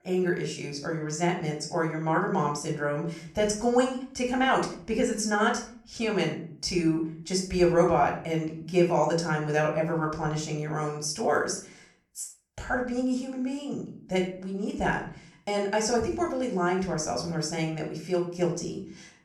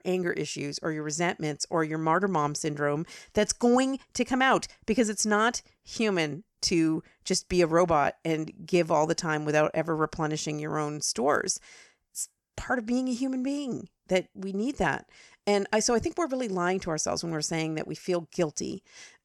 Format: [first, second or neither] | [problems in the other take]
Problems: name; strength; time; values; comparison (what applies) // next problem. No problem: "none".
second | off-mic speech; somewhat distant // room echo; slight; dies away in 0.5 s